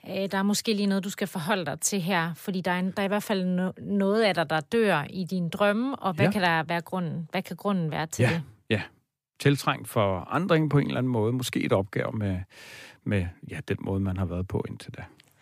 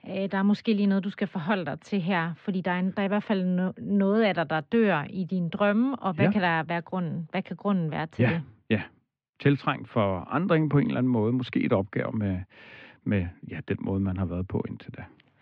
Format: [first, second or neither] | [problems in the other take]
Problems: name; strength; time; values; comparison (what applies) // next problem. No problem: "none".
first | muffled; very; fading above 3 kHz